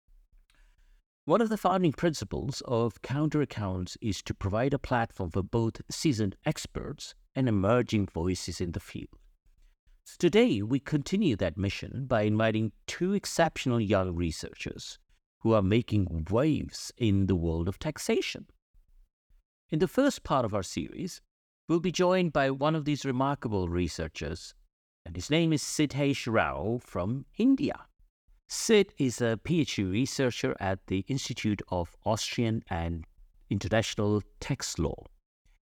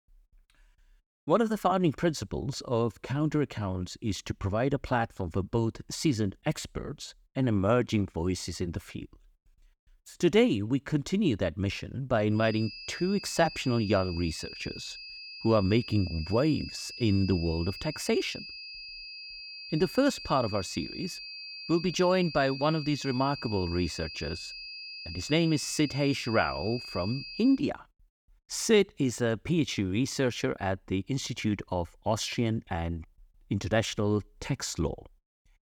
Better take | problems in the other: first | high-pitched whine; noticeable; from 12 to 28 s; 4.5 kHz, 10 dB below the speech

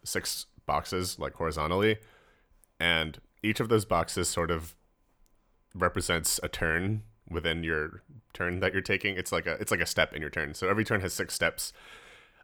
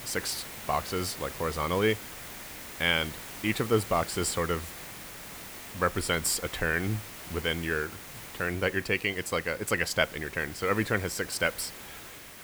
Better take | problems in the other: first | hiss; noticeable; throughout; 10 dB below the speech

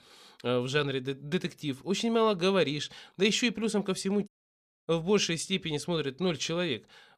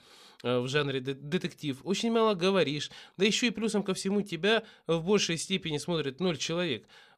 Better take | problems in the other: second | audio cutting out; at 4.5 s for 0.5 s

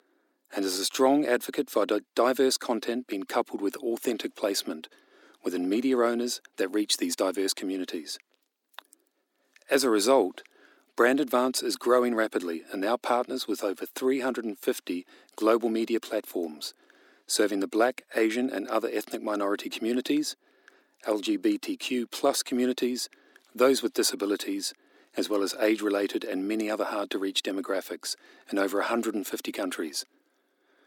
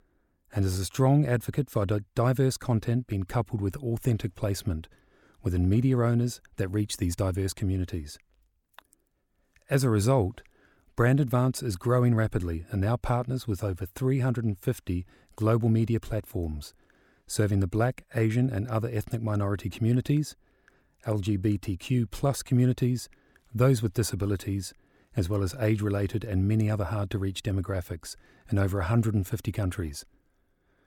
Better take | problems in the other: second | thin; somewhat; fading below 250 Hz

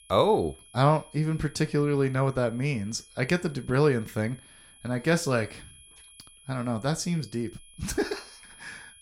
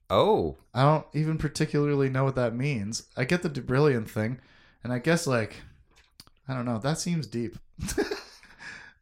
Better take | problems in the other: second | high-pitched whine; faint; throughout; 10.5 kHz, 25 dB below the speech

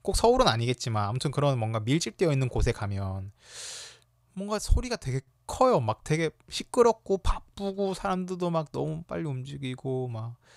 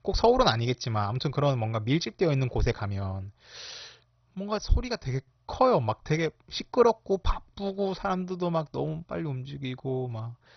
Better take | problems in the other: first | garbled, watery; badly; nothing above 6 kHz

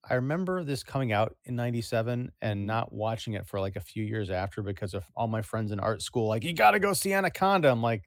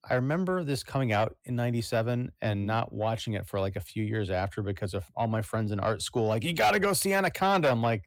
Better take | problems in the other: first | distortion; slight; 10 dB below the speech

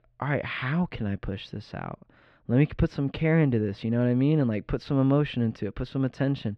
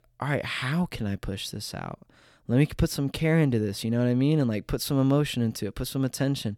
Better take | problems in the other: second | muffled; slightly; fading above 3 kHz

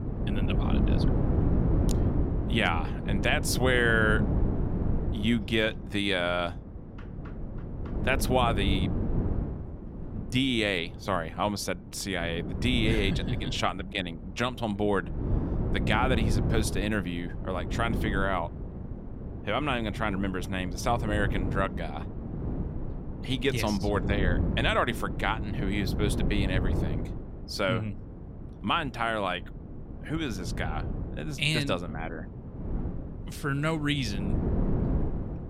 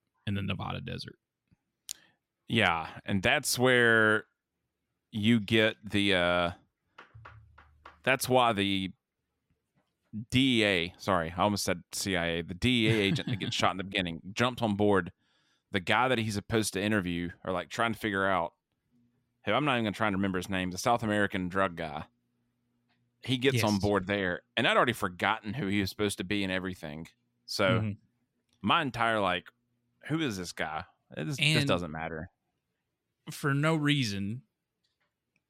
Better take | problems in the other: second | wind noise on the microphone; occasional gusts; 10 dB below the speech

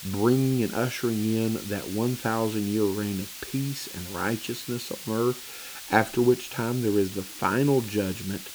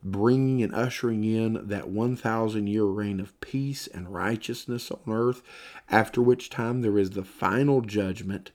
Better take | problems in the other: second | hiss; noticeable; throughout; 10 dB below the speech

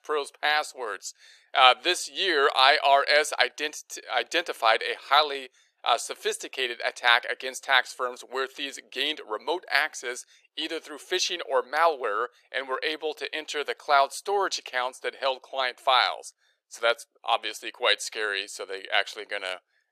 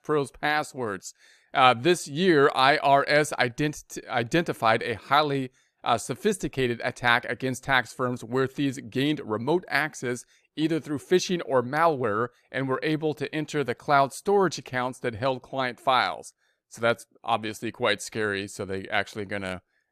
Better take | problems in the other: second | thin; very; fading below 450 Hz

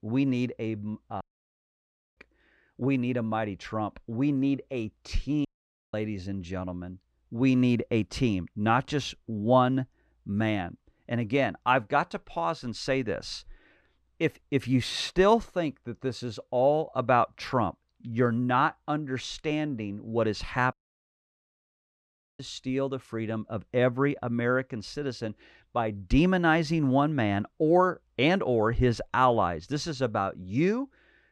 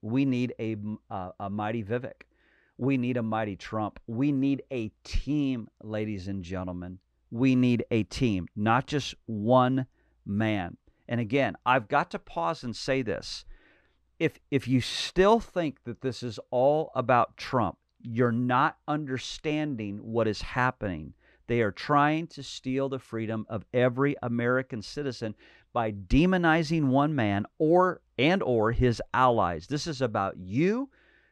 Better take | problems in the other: second | audio cutting out; at 1 s for 1 s, at 5.5 s and at 21 s for 1.5 s

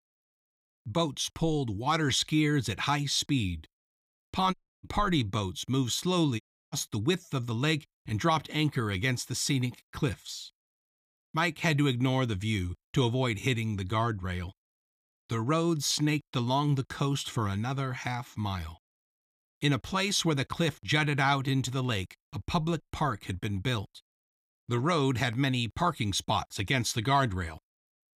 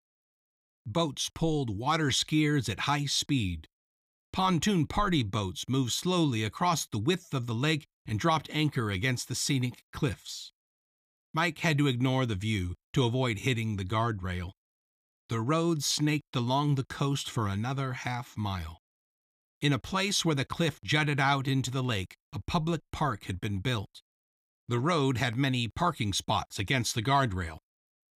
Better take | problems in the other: second | audio cutting out; at 4.5 s and at 6.5 s

